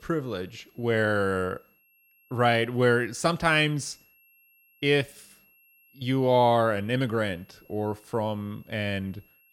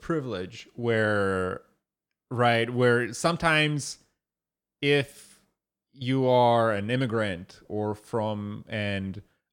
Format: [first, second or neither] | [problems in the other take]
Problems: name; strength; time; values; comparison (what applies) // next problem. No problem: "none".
second | high-pitched whine; faint; throughout; 2.5 kHz, 35 dB below the speech